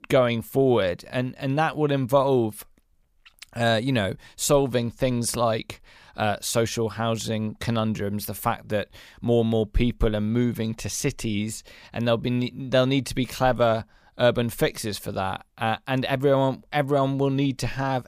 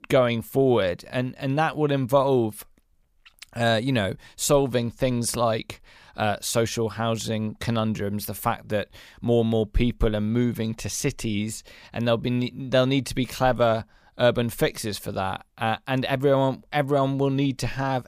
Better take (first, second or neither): neither